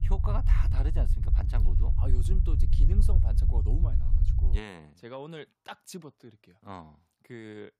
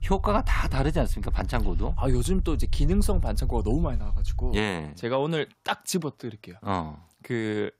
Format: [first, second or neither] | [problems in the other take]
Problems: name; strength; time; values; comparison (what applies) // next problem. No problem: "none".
second | low rumble; loud; until 4.5 s; 3 dB below the speech; faint in the second